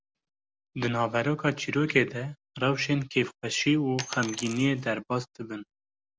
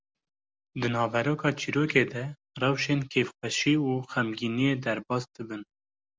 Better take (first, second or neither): second